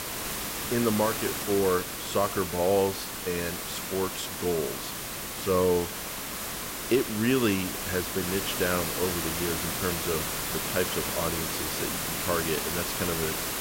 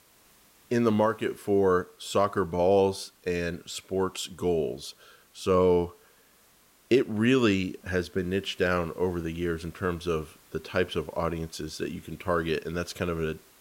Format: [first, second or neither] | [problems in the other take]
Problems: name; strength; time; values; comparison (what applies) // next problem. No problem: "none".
second | hiss; loud; throughout; 1 dB below the speech; faint in the second